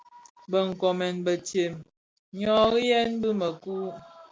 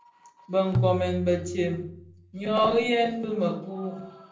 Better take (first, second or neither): first